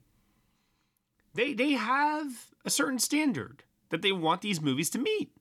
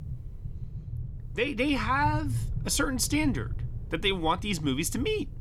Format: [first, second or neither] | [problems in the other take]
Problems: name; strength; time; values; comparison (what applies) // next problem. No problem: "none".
first | low rumble; faint; throughout; 20 dB below the speech